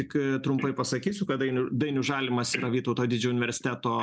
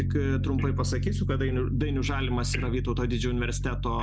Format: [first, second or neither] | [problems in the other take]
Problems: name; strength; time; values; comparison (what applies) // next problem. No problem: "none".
first | background sound (Piano); 2 dB above the speech